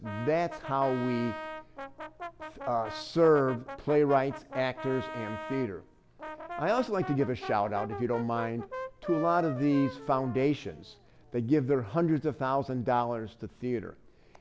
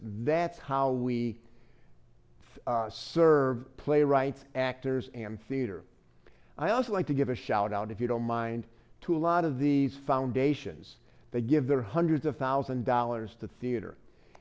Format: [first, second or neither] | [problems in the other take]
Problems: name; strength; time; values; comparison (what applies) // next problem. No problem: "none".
second | background sound (Brass instrument); 12 dB below the speech